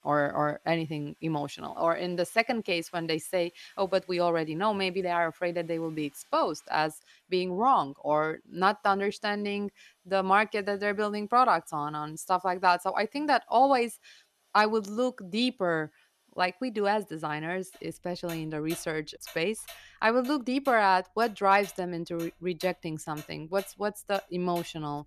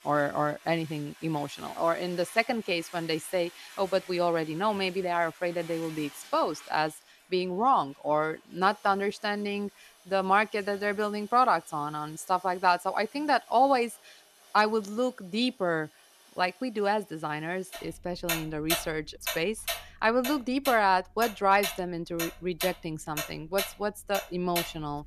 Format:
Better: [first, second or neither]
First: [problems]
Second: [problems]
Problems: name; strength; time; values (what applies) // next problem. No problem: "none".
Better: first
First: household noises; faint; throughout; 25 dB below the speech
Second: household noises; loud; throughout; 10 dB below the speech